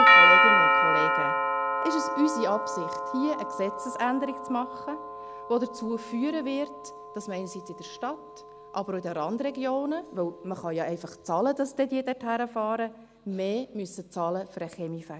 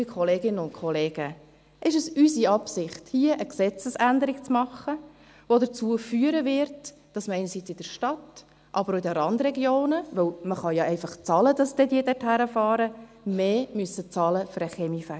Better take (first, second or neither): second